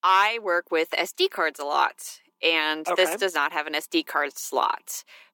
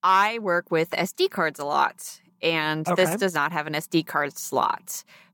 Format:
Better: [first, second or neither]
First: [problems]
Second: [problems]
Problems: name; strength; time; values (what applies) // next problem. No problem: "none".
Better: second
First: thin; somewhat; fading below 300 Hz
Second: none